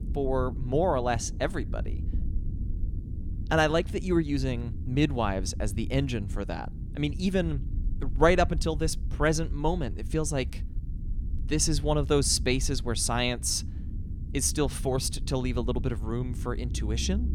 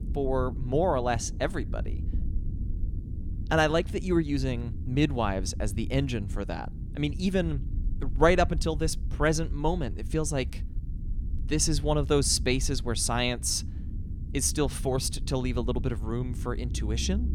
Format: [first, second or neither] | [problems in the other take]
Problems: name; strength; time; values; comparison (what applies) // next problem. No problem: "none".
neither | low rumble; faint; throughout; 20 dB below the speech; the same in both